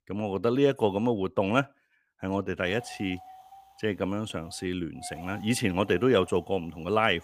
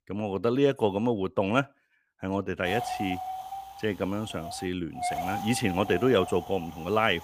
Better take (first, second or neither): first